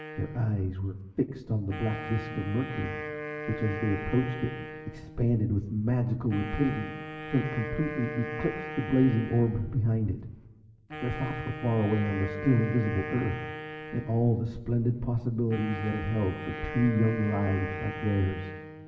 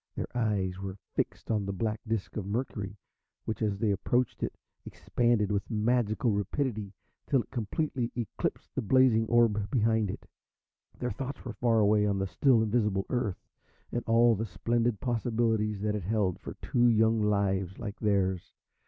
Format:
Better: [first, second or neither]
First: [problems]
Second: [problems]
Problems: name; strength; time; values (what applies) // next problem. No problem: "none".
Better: second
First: background sound (Wind instrument, woodwind instrument); 10 dB below the speech // room echo; dies away in 1 s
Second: none